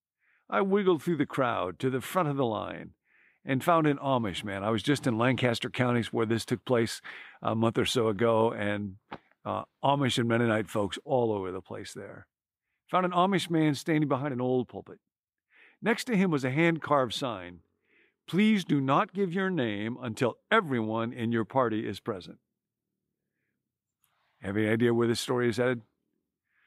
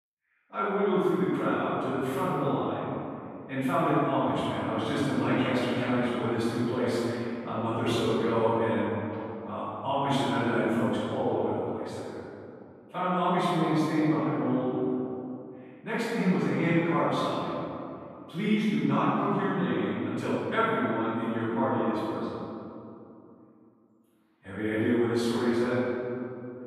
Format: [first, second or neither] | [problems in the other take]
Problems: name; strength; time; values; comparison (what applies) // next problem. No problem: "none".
first | off-mic speech; far // room echo; strong; dies away in 2.6 s